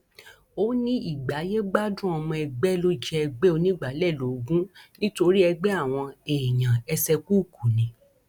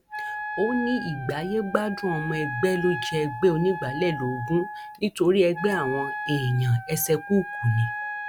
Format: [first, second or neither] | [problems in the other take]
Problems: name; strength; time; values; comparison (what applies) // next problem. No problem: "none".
first | background sound (Wind instrument, woodwind instrument); 9 dB below the speech